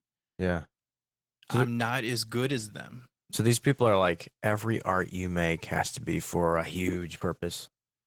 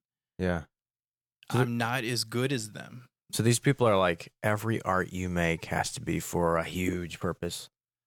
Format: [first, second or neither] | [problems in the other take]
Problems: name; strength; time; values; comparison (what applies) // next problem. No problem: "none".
second | garbled, watery; slightly; nothing above 18 kHz